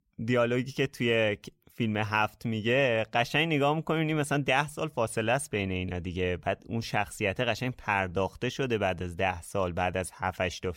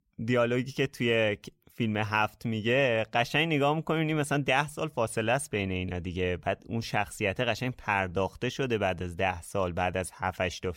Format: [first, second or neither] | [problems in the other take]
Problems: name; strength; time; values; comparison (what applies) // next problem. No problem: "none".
neither | none